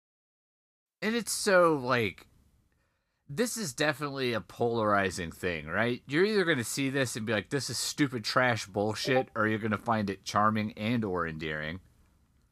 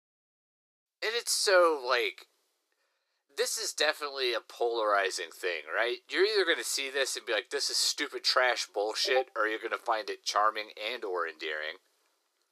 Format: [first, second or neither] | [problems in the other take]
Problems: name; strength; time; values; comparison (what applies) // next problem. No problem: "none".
first | thin; very; fading below 350 Hz